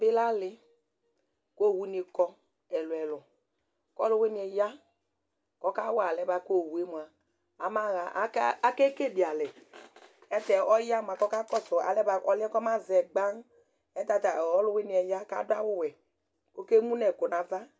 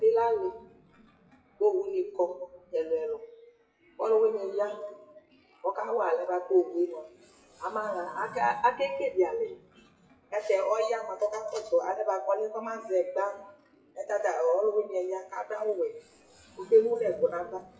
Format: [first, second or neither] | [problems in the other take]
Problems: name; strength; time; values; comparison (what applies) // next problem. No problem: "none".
first | noise reduction (classical method WPE with log-MMSE)